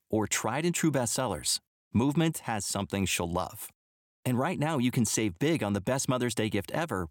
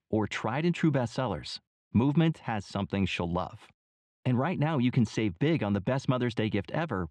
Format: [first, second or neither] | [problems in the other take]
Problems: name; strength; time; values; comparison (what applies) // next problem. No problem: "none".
first | muffled; slightly; fading above 4 kHz